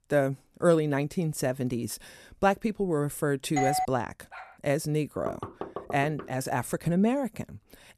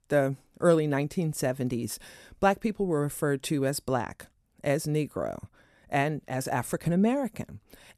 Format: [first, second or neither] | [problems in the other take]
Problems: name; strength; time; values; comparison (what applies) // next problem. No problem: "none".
second | doorbell; noticeable; at 3.5 s; peak level with the speech // dog barking; faint; at 4.5 s; peak 20 dB below the speech // door banging; faint; from 5.5 to 6.5 s; peak 10 dB below the speech